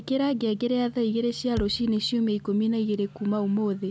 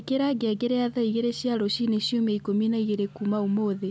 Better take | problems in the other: second | background sound (Thump, thud); 13 dB below the speech

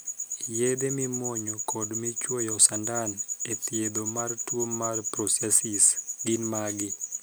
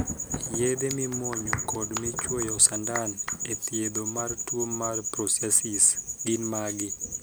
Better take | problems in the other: first | background sound (Thunder + Clapping); 12 dB below the speech

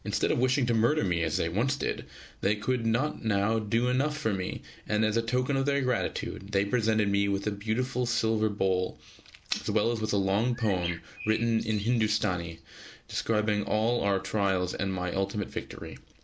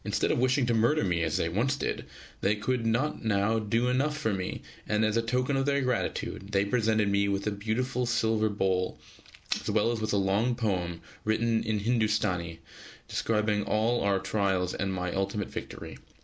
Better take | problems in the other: second | background sound (Bird); 14 dB below the speech

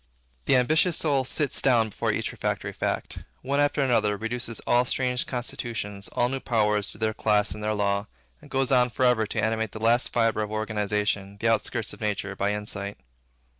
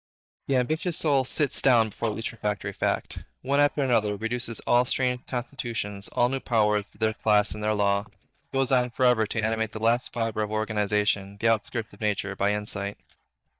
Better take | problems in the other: first | noise reduction (neural mask model DeepFilterNet 3)

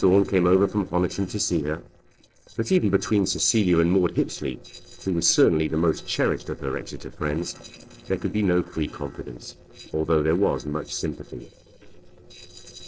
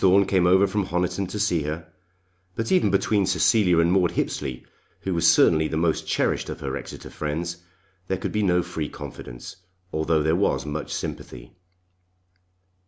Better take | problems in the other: second | noise reduction (neural separator model SepFormer DNS4)

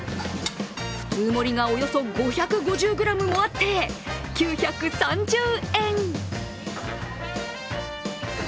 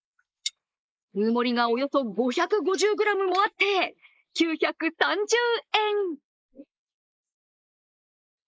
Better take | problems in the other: first | noise reduction (neural mask model Resemble Enhance denoiser)

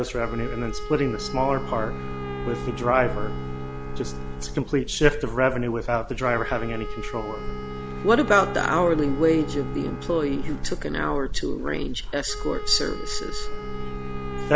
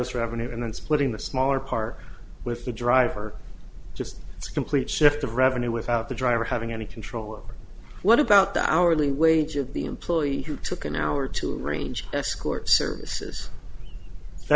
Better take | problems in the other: second | background sound (Bowed string instrument + Wind instrument, woodwind instrument); 10 dB below the speech

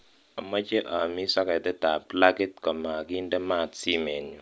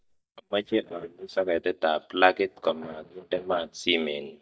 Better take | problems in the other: first | noise reduction (neural mask model DeepFilterNet 3)

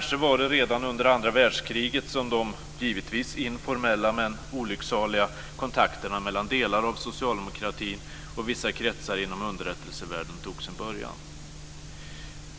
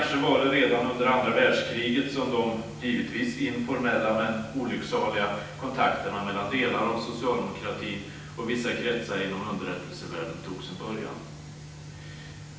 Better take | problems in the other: first | room echo; dies away in 0.9 s

